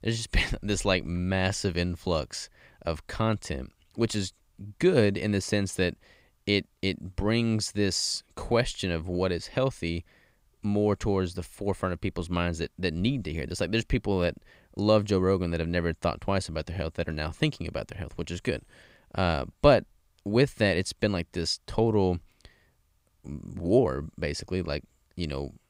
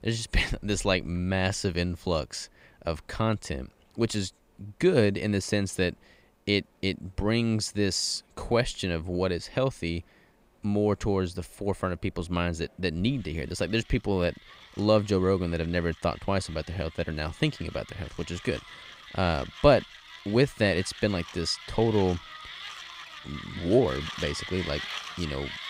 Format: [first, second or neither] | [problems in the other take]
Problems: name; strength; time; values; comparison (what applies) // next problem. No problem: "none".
first | machinery noise; noticeable; throughout; 15 dB below the speech